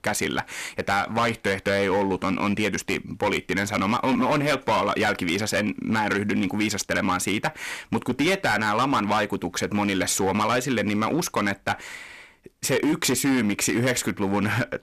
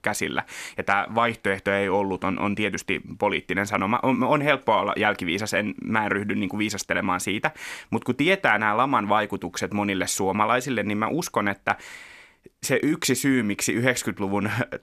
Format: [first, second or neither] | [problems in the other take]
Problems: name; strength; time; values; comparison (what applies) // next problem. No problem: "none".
second | distortion; heavy; 11% of the sound clipped